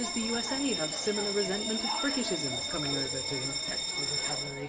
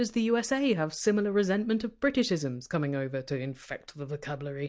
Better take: second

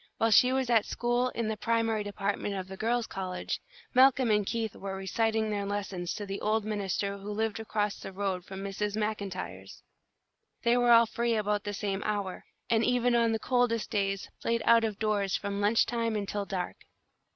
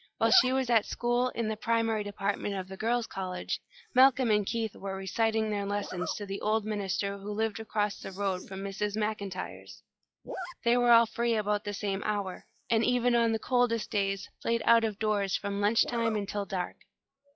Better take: first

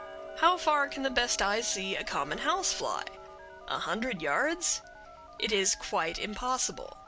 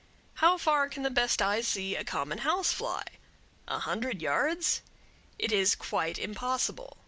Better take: second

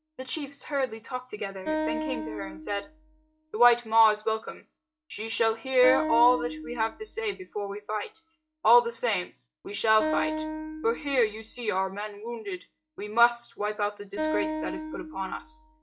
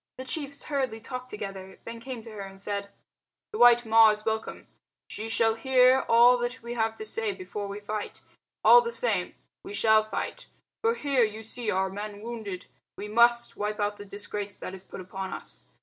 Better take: second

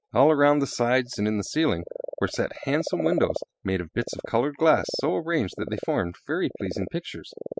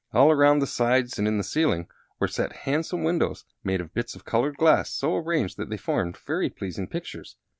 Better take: second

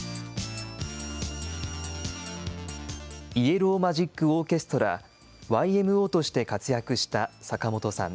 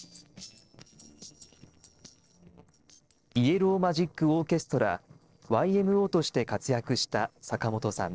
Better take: first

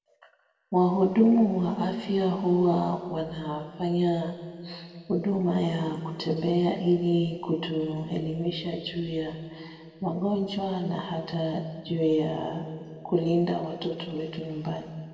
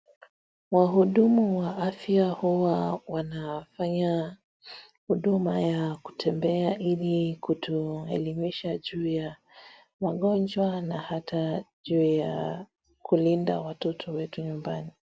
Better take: second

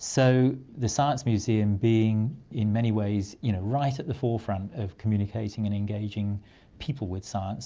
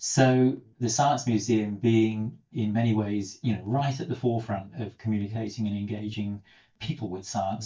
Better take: first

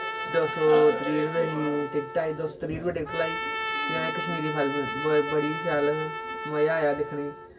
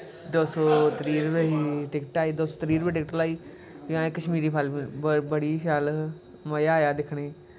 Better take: second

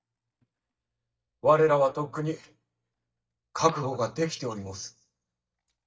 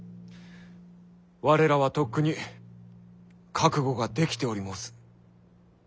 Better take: second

